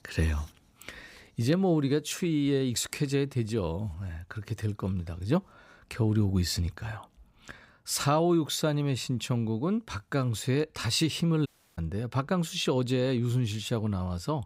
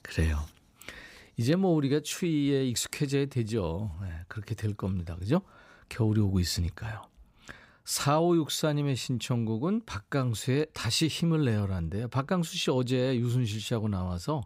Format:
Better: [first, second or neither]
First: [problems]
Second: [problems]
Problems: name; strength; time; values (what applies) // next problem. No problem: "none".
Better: second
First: audio cutting out; at 11 s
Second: none